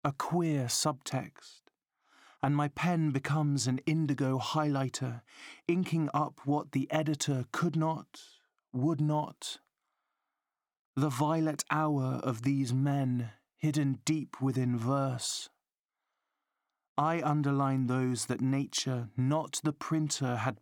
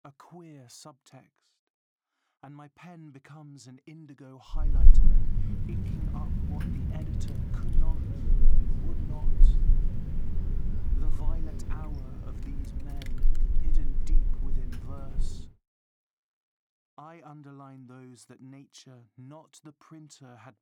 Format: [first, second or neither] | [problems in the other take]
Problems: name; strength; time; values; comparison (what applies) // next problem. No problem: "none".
first | wind noise on the microphone; heavy; from 4.5 to 15 s; 3 dB above the speech